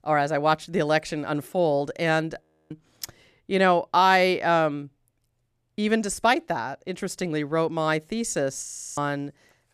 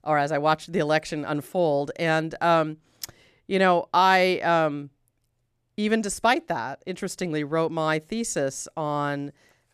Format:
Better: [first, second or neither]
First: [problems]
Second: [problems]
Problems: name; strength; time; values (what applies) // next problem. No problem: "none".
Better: second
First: audio freezing; at 2.5 s and at 8.5 s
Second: none